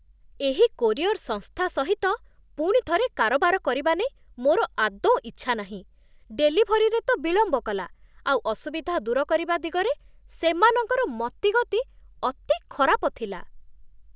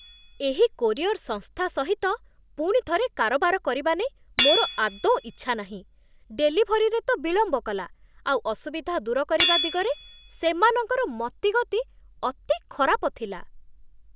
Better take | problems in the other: first | background sound (Hammer / Chink, clink); 9 dB below the speech

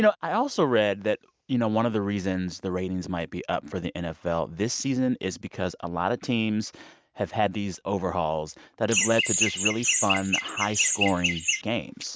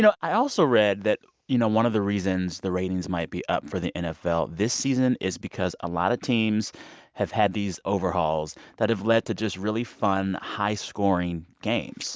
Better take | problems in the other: second | noise reduction (neural mask model RNNoise)

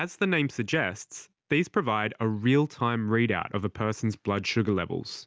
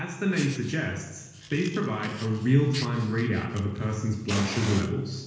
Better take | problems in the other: first | background sound (Fire); 14 dB below the speech // room echo; dies away in 1.1 s

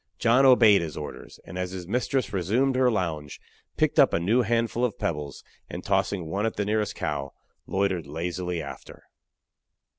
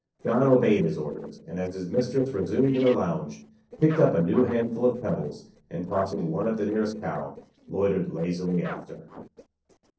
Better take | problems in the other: first | noise reduction (neural separator model SepFormer DNS4)

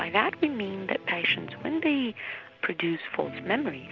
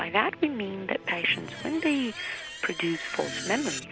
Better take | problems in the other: first | background sound (Screech); 11 dB below the speech

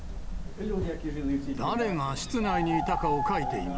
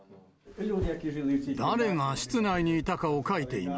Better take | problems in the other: second | background sound (Bird); 2 dB below the speech

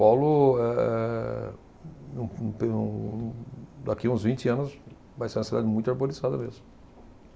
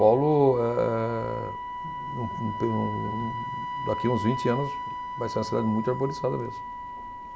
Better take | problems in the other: first | background sound (Wind instrument, woodwind instrument); 7 dB below the speech

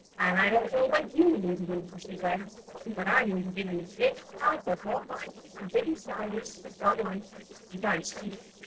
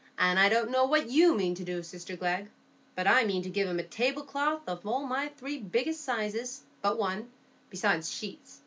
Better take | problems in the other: second | noise reduction (neural separator model SepFormer DNS4)

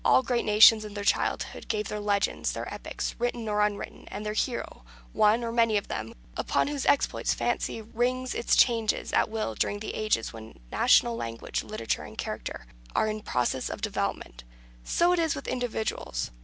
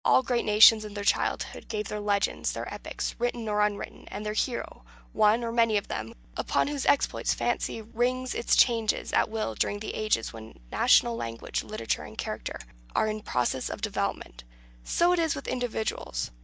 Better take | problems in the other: first | noise reduction (neural mask model DeepFilterNet 3)

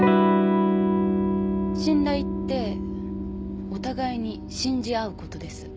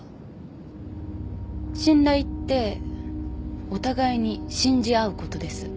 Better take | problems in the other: second | background sound (Electric guitar / Strum); 5 dB above the speech

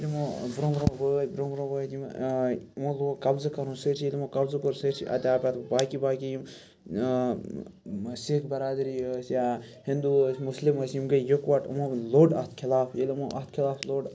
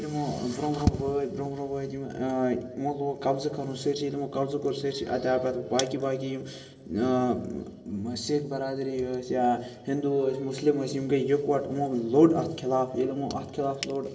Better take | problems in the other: first | room echo; dies away in 2 s

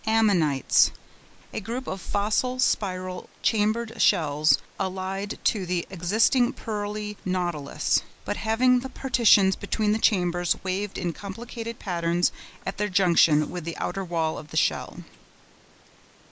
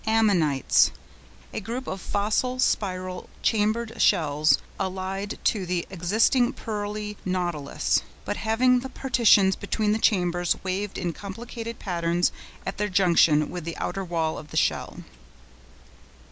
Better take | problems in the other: second | noise reduction (neural mask model Resemble Enhance denoiser)

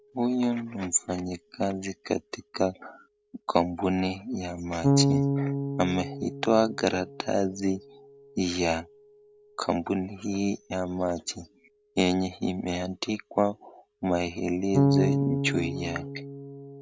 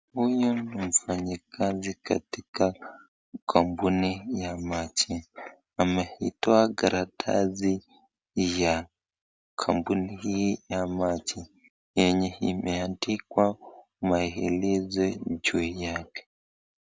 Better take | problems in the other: second | background sound (Bass guitar); 3 dB below the speech

